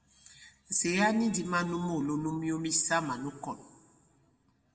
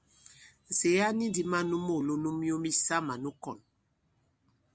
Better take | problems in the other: second | room echo; dies away in 1.2 s

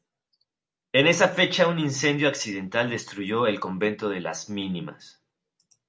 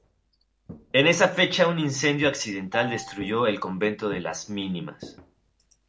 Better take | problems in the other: first | background sound (Walk, footsteps + Marimba, xylophone); 18 dB below the speech

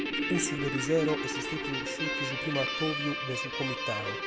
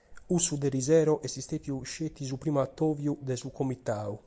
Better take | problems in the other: second | background sound (Guitar); 1 dB above the speech

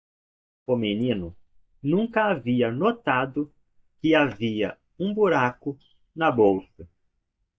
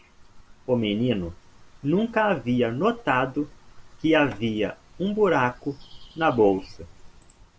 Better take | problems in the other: second | noise reduction (neural mask model DeepFilterNet 3)

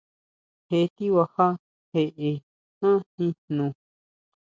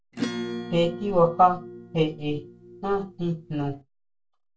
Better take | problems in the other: first | background sound (Acoustic guitar / Strum); 10 dB below the speech // room echo; dies away in 0.2 s

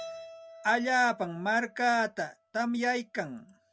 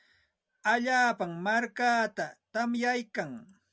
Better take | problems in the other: second | background sound (Keyboard (musical)); 20 dB below the speech

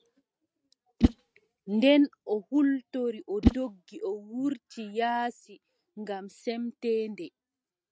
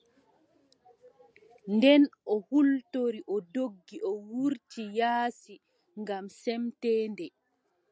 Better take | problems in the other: second | noise reduction (neural mask model RNNoise)

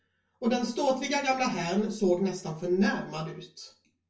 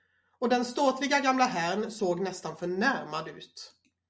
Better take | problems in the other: second | room echo; dies away in 0.3 s

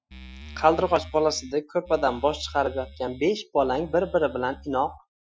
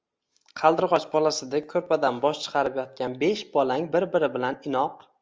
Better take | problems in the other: second | noise reduction (classical method Wiener filter)

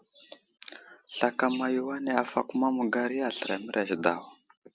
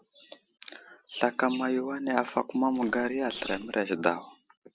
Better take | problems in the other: first | background sound (Walk, footsteps); 18 dB below the speech

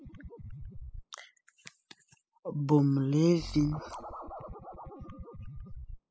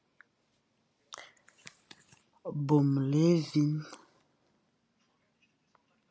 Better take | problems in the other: second | noise reduction (classical method spectral subtraction)

